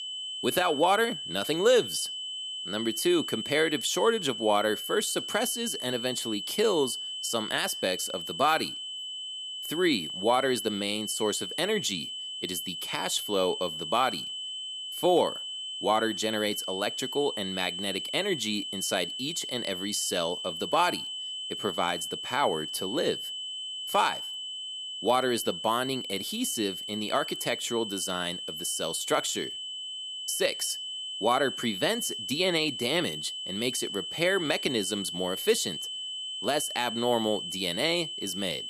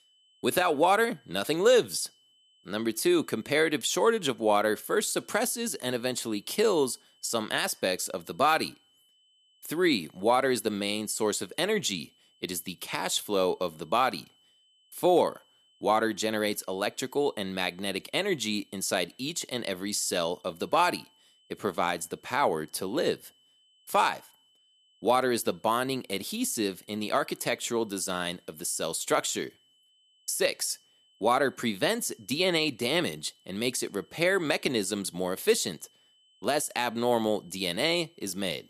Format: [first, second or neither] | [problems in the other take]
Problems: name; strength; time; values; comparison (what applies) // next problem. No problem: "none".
second | high-pitched whine; loud; throughout; 3 kHz, 5 dB below the speech; faint in the second